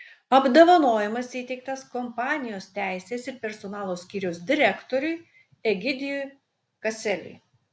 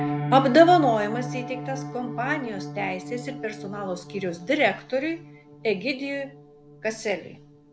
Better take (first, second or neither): first